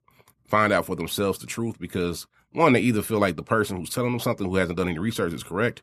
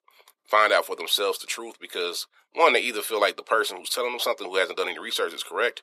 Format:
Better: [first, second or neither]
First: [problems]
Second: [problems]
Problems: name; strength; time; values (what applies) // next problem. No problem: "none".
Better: first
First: none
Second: thin; very; fading below 450 Hz